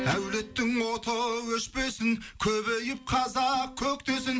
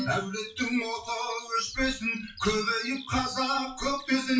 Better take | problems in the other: first | noise reduction (classical method WPE with log-MMSE)

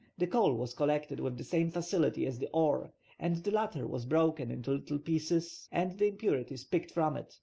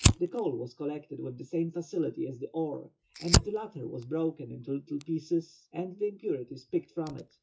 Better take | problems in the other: first | noise reduction (classical method WPE with log-MMSE)

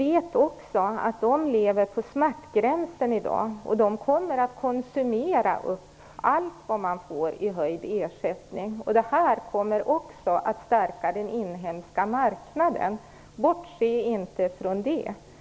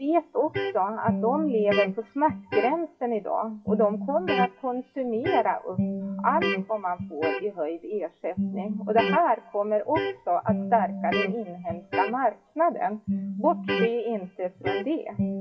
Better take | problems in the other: first | noise reduction (classical method WPE with log-MMSE)

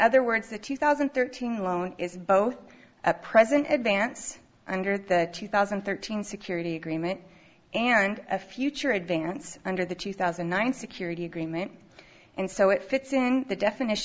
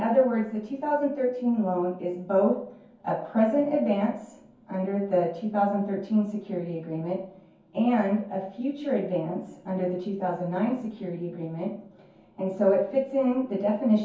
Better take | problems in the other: first | room echo; dies away in 0.6 s

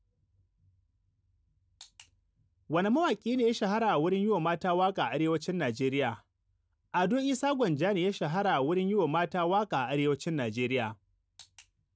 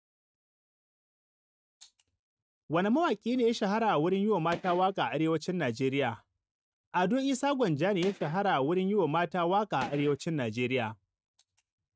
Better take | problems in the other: first | noise reduction (neural mask model RNNoise)

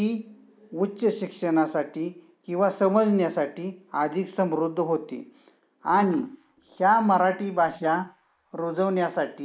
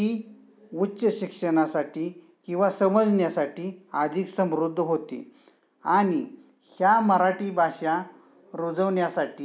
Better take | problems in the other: second | noise reduction (neural mask model Resemble Enhance denoiser)

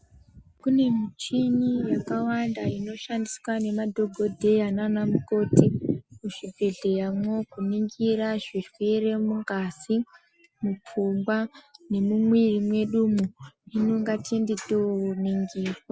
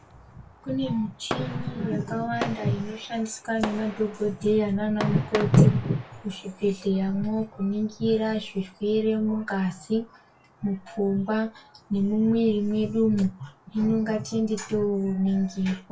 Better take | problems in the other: first | background sound (Fireworks); 16 dB below the speech // room echo; dies away in 0.2 s

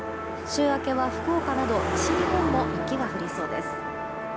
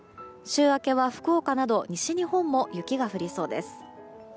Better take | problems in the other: second | background sound (Musical instrument + Car passing by); as loud as the speech

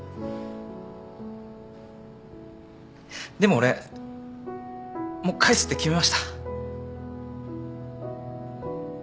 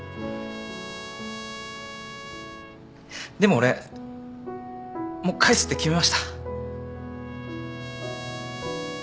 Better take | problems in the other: first | background sound (Trumpet); 15 dB below the speech

